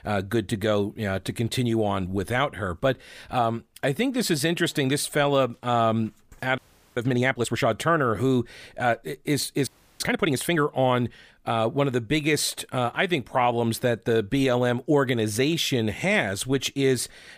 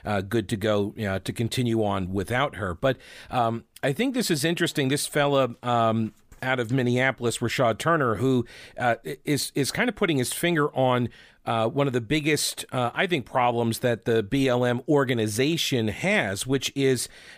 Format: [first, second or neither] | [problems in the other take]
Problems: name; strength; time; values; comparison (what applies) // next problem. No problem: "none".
second | audio freezing; at 6.5 s and at 9.5 s